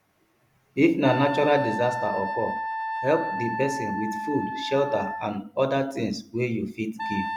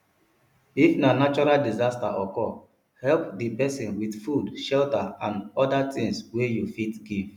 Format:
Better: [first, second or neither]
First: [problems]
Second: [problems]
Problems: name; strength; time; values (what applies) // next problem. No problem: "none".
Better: second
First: background sound (Wind instrument, woodwind instrument); 6 dB below the speech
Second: none